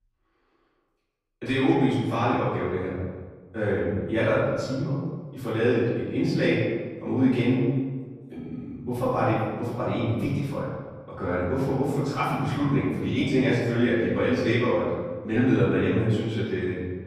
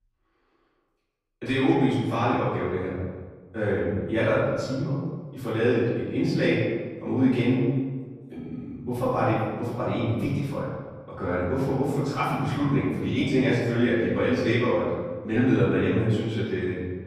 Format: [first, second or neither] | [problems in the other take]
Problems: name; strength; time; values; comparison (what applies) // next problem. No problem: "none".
neither | room echo; strong; dies away in 1.3 s; the same in both // off-mic speech; far; the same in both